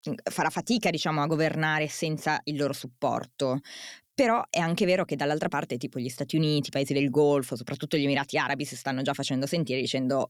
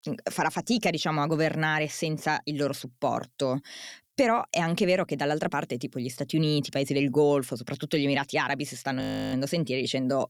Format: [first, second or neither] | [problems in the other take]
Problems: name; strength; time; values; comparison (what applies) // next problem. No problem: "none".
first | audio freezing; at 9 s